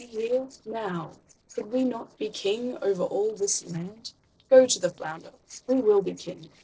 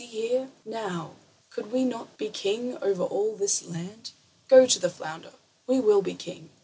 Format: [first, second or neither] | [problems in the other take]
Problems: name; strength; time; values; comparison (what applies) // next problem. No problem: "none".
second | noise reduction (neural separator model SepFormer DNS4)